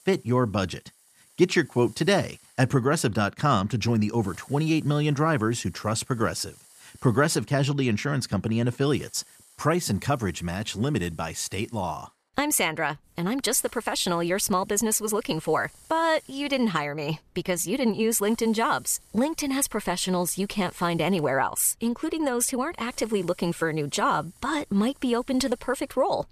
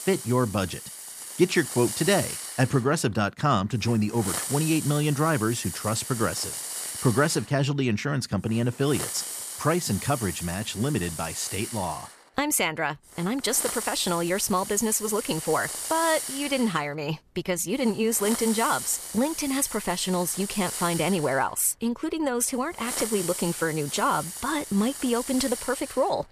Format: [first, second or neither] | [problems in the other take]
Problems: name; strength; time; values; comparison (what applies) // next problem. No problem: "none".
first | hiss; loud; throughout; 7 dB below the speech; faint in the first